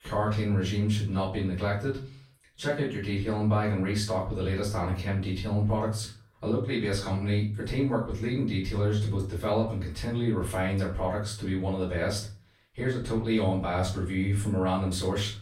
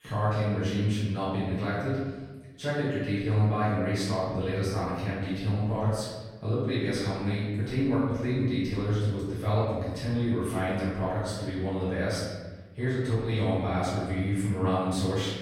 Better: first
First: room echo; slight; dies away in 0.4 s // off-mic speech; far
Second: room echo; strong; dies away in 1.2 s // off-mic speech; far

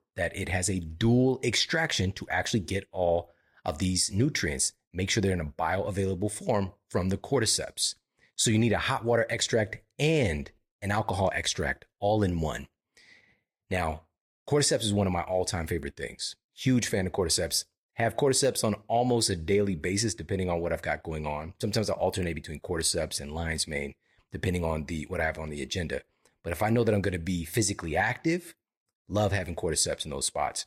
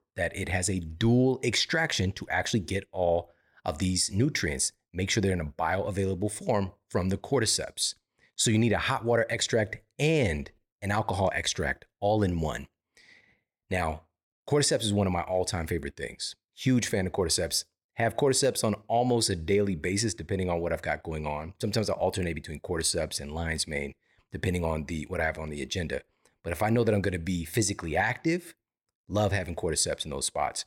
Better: second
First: garbled, watery; slightly; nothing above 13.5 kHz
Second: none

